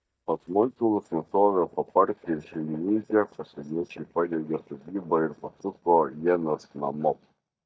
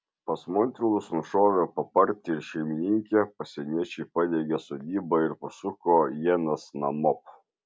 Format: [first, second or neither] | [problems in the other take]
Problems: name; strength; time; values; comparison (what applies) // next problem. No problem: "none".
second | noise reduction (neural mask model DeepFilterNet 3)